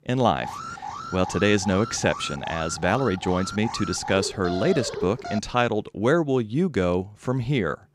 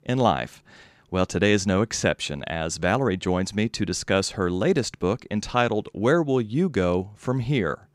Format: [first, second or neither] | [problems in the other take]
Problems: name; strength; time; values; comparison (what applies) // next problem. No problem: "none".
second | alarm; noticeable; until 5.5 s; peak 7 dB below the speech